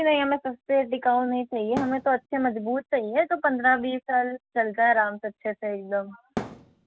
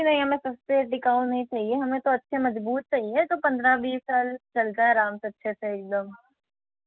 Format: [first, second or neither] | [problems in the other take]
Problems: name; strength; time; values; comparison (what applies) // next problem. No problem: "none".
second | background sound (Thump, thud); 9 dB below the speech